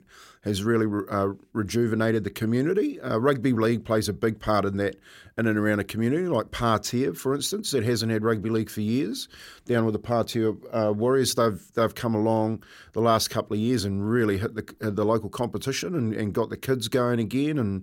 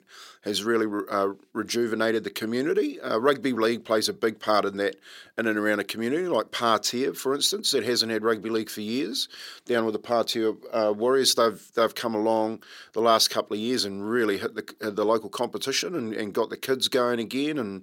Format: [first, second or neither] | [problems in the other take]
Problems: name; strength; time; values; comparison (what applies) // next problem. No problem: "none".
first | thin; very slightly; fading below 300 Hz